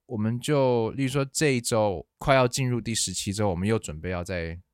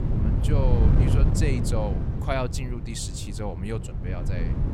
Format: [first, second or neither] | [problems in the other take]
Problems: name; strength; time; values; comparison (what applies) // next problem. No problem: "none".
first | wind noise on the microphone; heavy; 4 dB below the speech